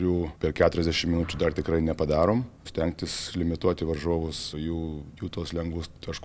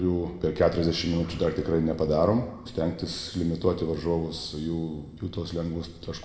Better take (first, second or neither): first